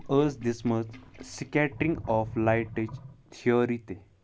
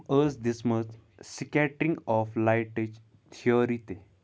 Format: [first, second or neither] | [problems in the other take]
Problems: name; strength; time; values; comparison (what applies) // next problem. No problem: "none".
second | background sound (Sink (filling or washing)); 16 dB below the speech